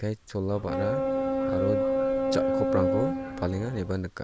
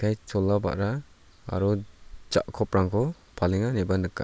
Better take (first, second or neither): second